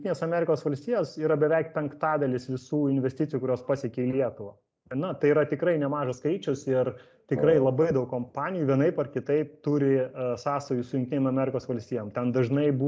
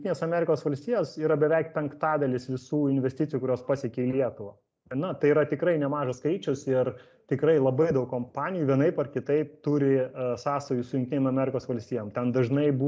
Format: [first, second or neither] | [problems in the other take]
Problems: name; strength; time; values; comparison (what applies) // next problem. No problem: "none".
second | background sound (Wind instrument, woodwind instrument); 5 dB below the speech